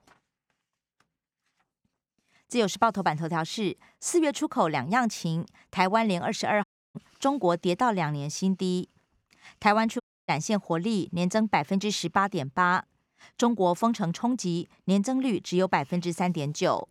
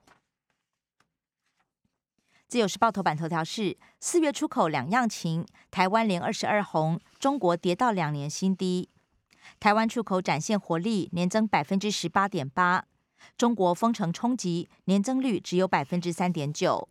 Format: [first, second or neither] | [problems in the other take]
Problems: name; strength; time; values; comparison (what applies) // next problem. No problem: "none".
second | audio cutting out; at 6.5 s and at 10 s